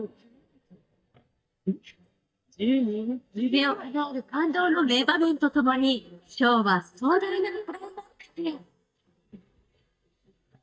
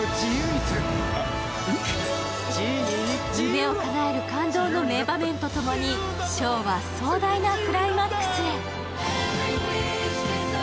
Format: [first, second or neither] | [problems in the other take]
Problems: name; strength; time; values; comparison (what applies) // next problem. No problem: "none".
second | noise reduction (neural mask model DeepFilterNet 3)